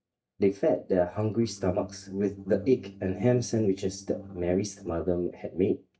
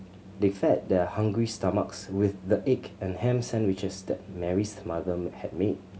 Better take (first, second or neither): second